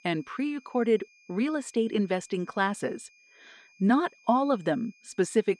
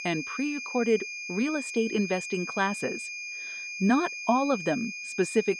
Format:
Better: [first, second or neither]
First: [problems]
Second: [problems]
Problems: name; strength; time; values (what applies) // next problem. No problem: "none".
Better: first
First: high-pitched whine; faint; throughout; 2.5 kHz, 30 dB below the speech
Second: high-pitched whine; loud; throughout; 2.5 kHz, 6 dB below the speech